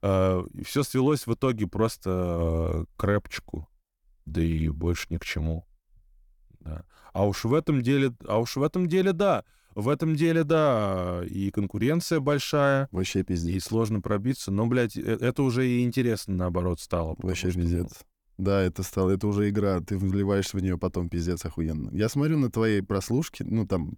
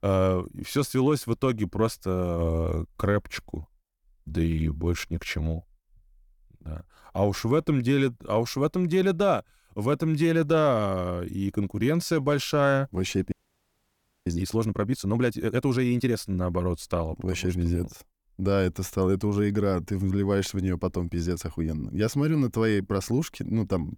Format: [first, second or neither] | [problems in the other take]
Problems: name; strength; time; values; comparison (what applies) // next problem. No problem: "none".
first | audio freezing; at 13 s for 1 s